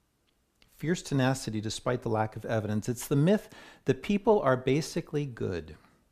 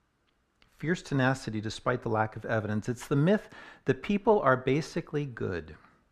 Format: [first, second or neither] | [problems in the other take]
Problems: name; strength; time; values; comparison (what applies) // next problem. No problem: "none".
first | muffled; very slightly; fading above 2.5 kHz